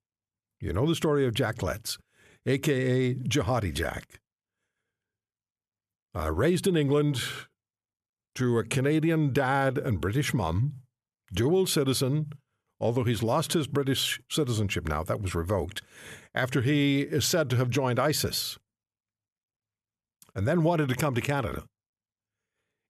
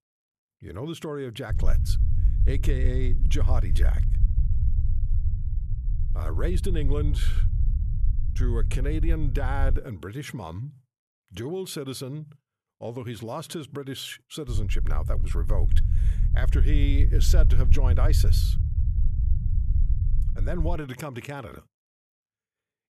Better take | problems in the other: first | low rumble; loud; from 1.5 to 10 s and from 14 to 21 s; 9 dB below the speech

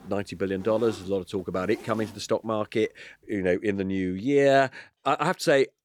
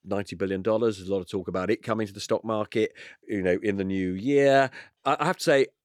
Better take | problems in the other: second | household noises; faint; throughout; 20 dB below the speech

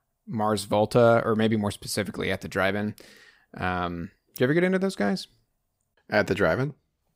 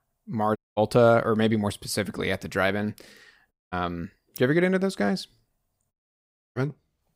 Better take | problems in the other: first | audio cutting out; at 0.5 s, at 3.5 s and at 6 s for 0.5 s

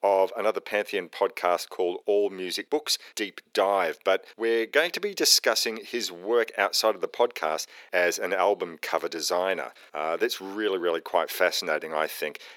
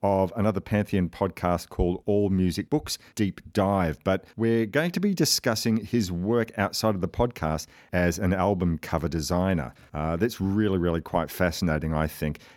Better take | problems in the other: second | thin; very; fading below 400 Hz

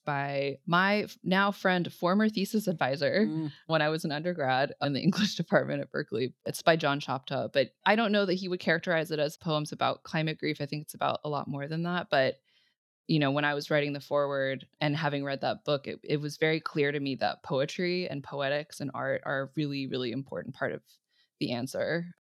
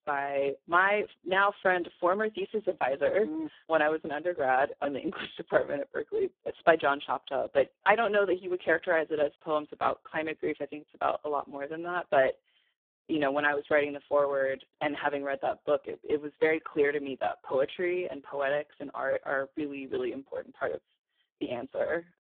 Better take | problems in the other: first | phone-call audio; poor line

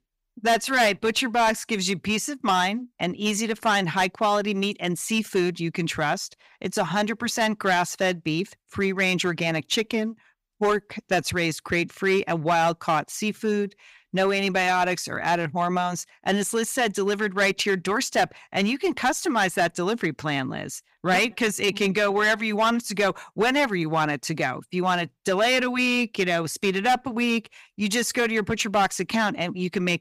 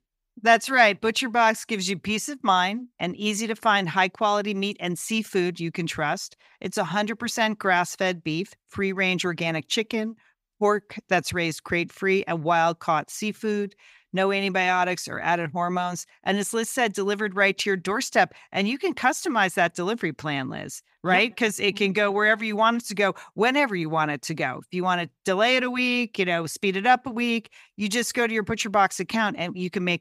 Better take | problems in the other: second | distortion; slight; 5% of the sound clipped

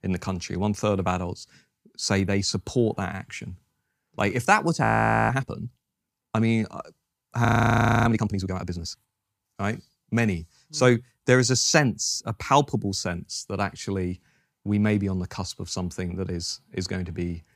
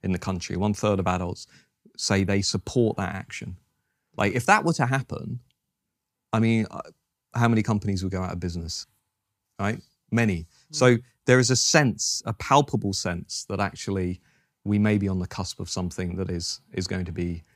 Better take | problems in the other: second | audio freezing; at 5 s and at 7.5 s for 0.5 s

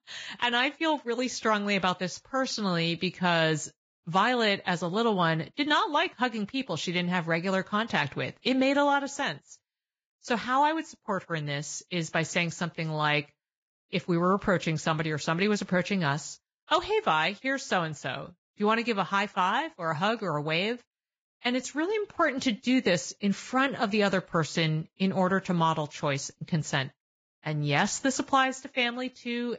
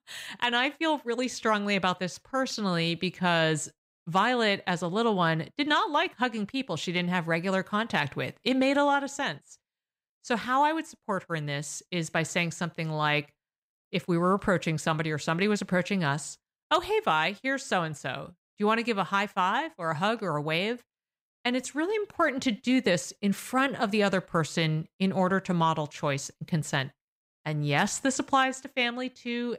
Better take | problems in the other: second | garbled, watery; badly; nothing above 7.5 kHz

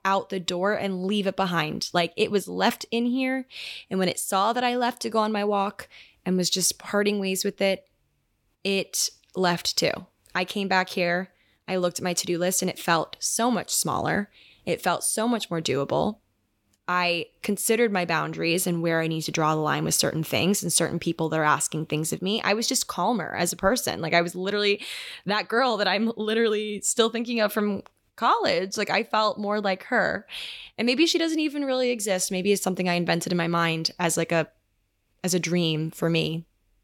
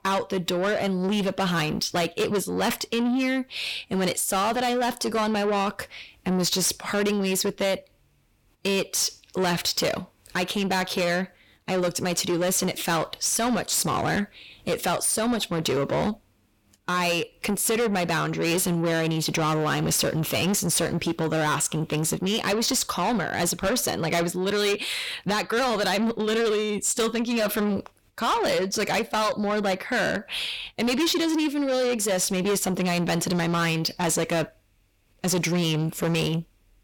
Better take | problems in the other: first | distortion; heavy; 7 dB below the speech

